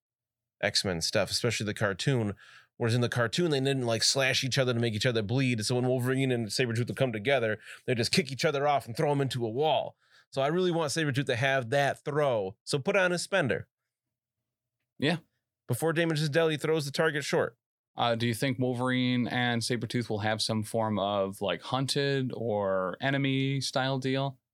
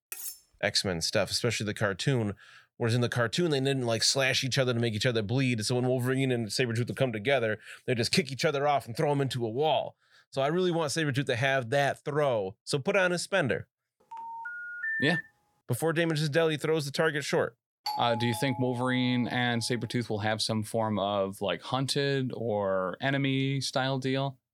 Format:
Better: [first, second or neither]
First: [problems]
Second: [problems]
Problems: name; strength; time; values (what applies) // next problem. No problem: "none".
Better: first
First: none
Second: clattering dishes; noticeable; at the start; peak 9 dB below the speech // phone ringing; noticeable; from 14 to 15 s; peak 1 dB below the speech // doorbell; noticeable; from 18 to 19 s; peak 6 dB below the speech